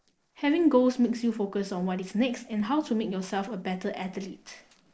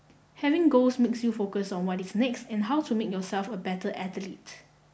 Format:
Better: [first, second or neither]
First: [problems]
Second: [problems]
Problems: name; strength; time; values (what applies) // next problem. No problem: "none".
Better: second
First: noise reduction (neural separator model SepFormer DNS4)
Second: none